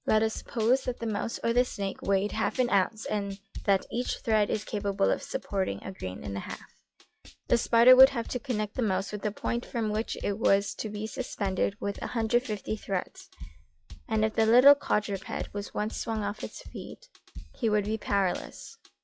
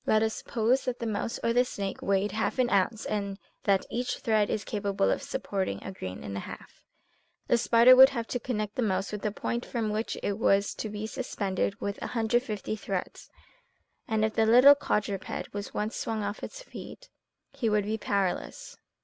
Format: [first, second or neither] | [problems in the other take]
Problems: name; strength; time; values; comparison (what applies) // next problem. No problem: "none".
second | noise reduction (classical method log-MMSE)